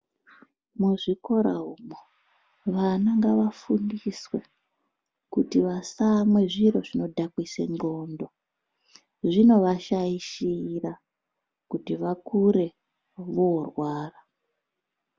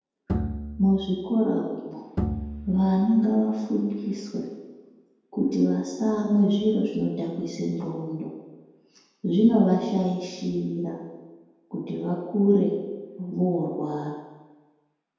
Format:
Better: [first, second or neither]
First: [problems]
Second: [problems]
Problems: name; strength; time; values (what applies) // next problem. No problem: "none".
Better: first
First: none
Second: background sound (Bowed string instrument); 7 dB below the speech // room echo; dies away in 1.1 s